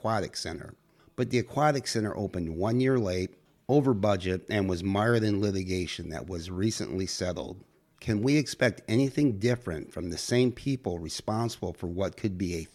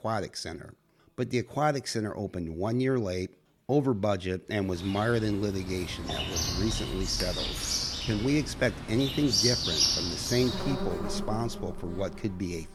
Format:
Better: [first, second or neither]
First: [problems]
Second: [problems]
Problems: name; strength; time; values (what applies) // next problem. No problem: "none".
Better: first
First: none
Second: animal sounds; very loud; from 4.5 s on; as loud as the speech